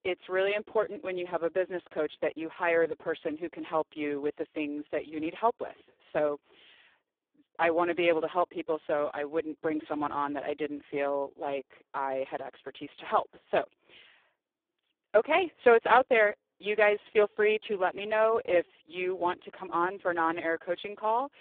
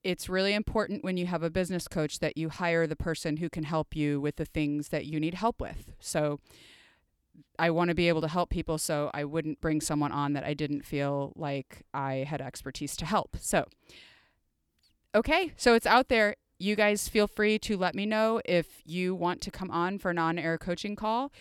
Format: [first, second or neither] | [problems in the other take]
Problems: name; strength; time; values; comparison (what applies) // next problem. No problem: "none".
second | phone-call audio; poor line